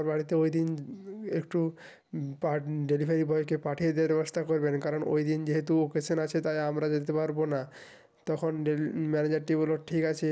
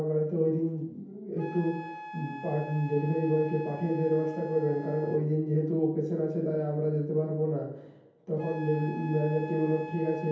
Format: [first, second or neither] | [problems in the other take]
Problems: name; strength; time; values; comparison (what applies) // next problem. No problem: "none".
first | background sound (Wind instrument, woodwind instrument); 16 dB below the speech // room echo; dies away in 0.9 s